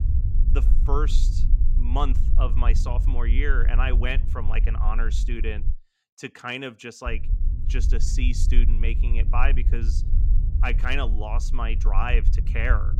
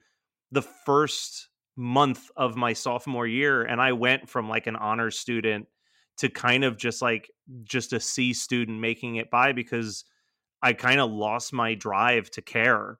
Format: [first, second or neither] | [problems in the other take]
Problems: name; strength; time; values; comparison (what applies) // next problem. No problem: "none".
second | low rumble; noticeable; until 5.5 s and from 7 s on; 15 dB below the speech